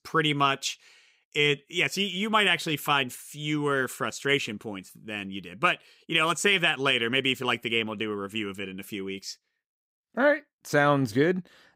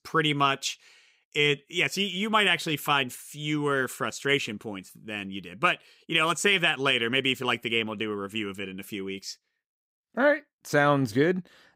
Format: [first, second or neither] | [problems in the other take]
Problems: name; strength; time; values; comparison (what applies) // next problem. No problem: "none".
neither | none